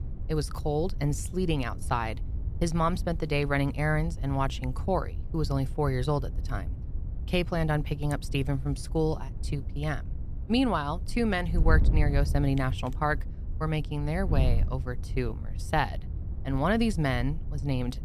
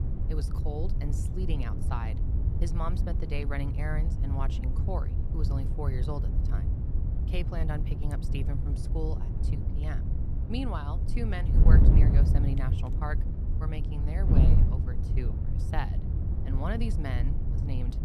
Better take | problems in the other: first | wind noise on the microphone; heavy; 3 dB below the speech; occasional gusts in the first

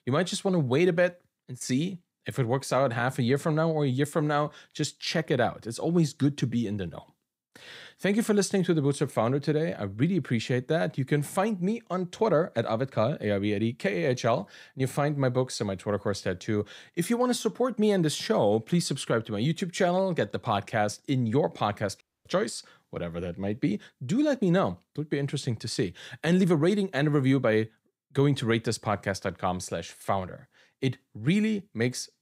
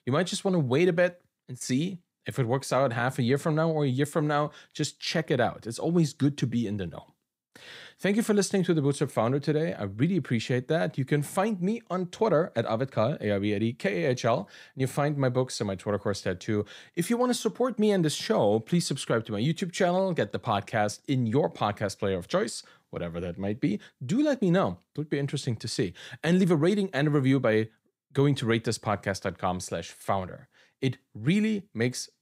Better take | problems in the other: second | audio cutting out; at 22 s

